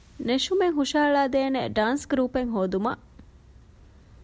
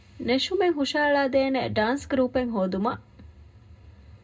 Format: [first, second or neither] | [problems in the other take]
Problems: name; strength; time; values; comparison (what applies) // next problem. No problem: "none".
first | room echo; dies away in 0.2 s